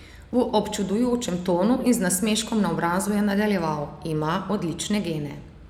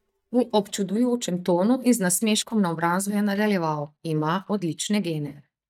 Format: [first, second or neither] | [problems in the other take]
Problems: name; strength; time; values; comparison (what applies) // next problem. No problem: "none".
first | noise reduction (neural mask model DeepFilterNet 3)